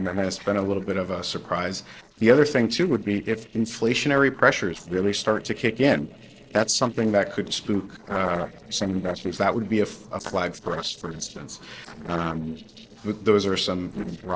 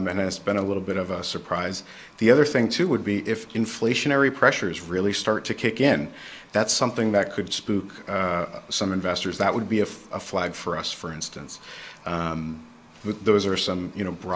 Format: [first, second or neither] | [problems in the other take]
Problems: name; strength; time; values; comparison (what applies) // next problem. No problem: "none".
second | noise reduction (neural separator model SepFormer DNS4)